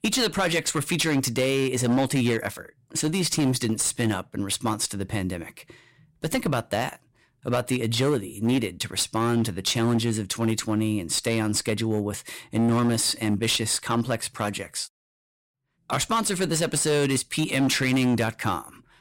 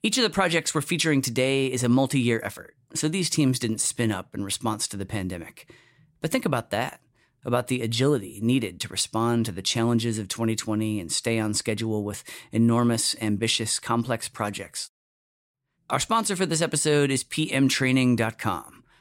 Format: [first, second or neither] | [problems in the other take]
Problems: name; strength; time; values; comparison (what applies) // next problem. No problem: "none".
second | distortion; slight; 9% of the sound clipped